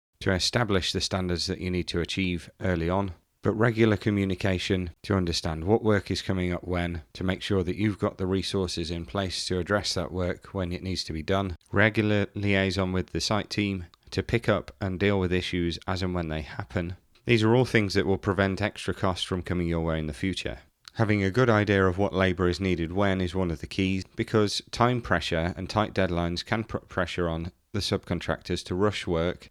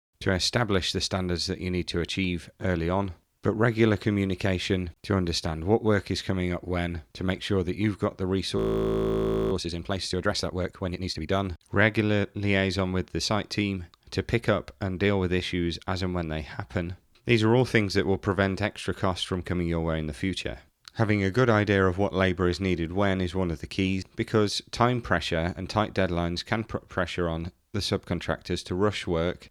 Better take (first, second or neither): first